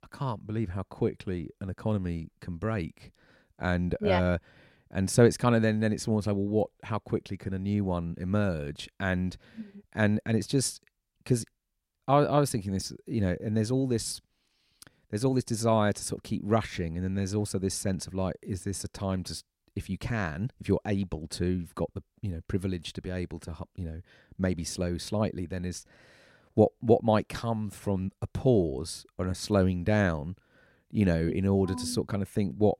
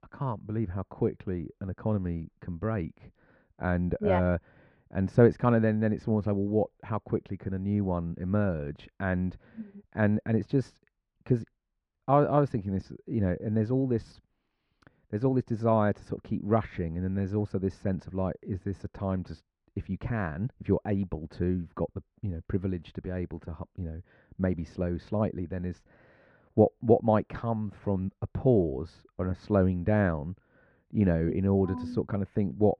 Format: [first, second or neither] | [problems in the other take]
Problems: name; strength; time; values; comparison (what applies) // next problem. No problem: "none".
first | muffled; very; fading above 1.5 kHz